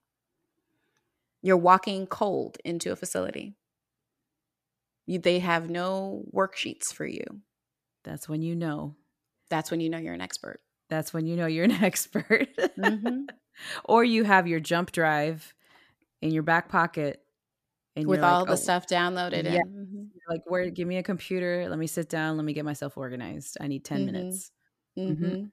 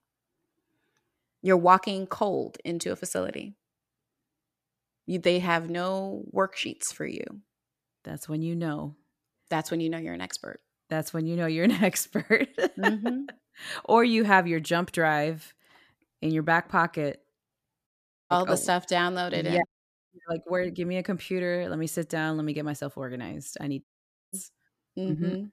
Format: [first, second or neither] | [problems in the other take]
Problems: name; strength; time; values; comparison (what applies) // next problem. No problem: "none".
first | audio cutting out; at 18 s, at 20 s and at 24 s